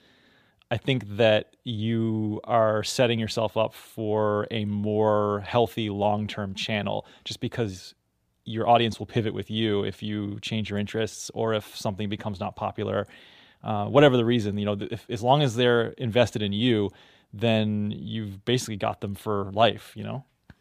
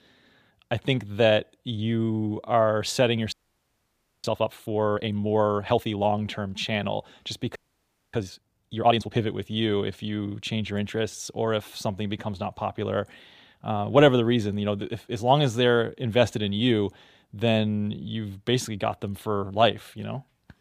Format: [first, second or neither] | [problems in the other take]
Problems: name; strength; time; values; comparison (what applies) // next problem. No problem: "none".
first | audio freezing; at 3.5 s for 1 s and at 7.5 s for 0.5 s